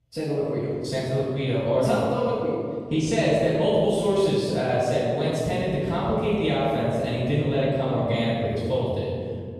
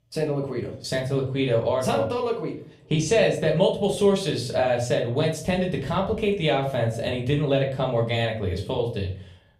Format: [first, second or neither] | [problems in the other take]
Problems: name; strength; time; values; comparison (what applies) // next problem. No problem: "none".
second | room echo; strong; dies away in 2.6 s; slight in the second // off-mic speech; far; far in the second